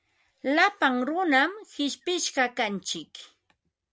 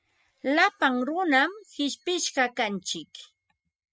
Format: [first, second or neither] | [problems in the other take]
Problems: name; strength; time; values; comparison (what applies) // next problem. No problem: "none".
first | noise reduction (classical method spectral subtraction)